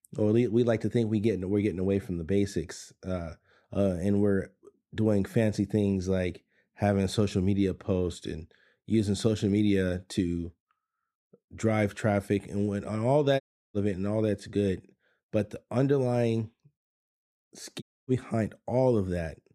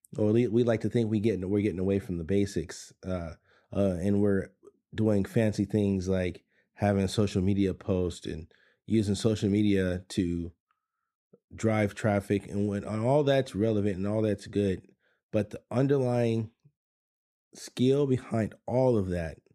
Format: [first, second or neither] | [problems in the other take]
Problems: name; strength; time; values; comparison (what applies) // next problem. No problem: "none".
second | audio cutting out; at 13 s and at 18 s